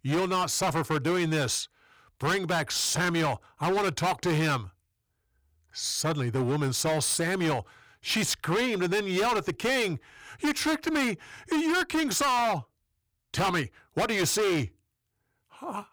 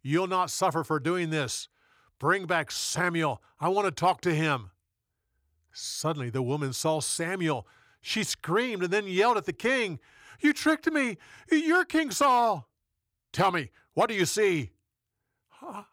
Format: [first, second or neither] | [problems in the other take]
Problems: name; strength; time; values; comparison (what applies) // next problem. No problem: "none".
second | distortion; heavy; 19% of the sound clipped